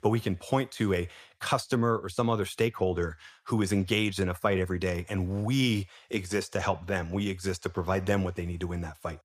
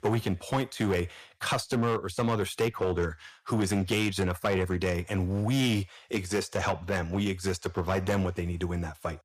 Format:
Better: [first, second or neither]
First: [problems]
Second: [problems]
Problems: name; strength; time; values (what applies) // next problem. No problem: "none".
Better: first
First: none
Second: distortion; slight; 7% of the sound clipped